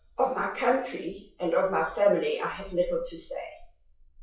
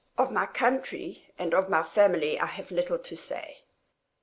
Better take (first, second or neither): second